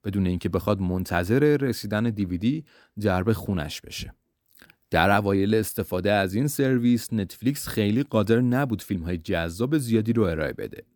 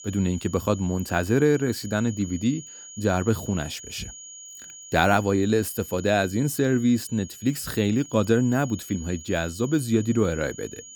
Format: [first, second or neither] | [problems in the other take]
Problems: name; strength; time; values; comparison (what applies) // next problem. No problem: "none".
first | high-pitched whine; noticeable; throughout; 7 kHz, 15 dB below the speech